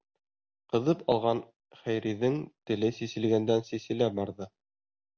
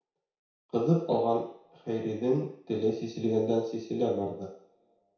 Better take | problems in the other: first | room echo; dies away in 0.6 s

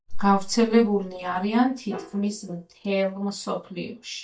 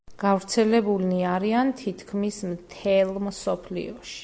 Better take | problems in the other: second | noise reduction (neural mask model DeepFilterNet 3)

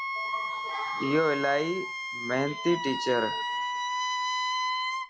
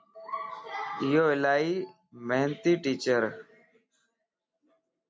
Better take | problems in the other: second | background sound (Wind instrument, woodwind instrument); 1 dB below the speech

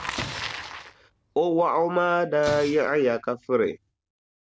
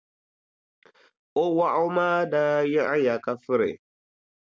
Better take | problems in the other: second | background sound (Explosion + Bicycle); 13 dB below the speech

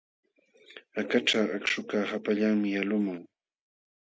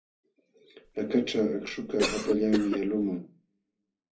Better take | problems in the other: first | background sound (Cough); 5 dB below the speech // room echo; dies away in 0.4 s

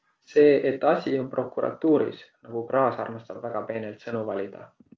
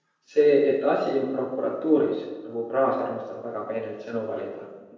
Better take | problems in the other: first | room echo; dies away in 0.9 s

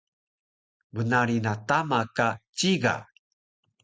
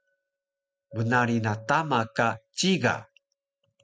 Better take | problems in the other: first | noise reduction (neural mask model RNNoise)

